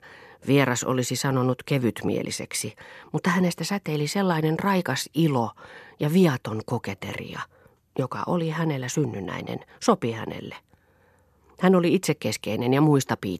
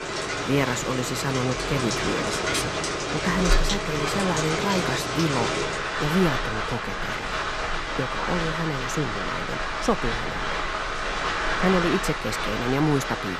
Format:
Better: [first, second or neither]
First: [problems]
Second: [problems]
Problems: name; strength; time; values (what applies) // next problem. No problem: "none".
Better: first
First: none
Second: rain or running water; very loud; throughout; 1 dB above the speech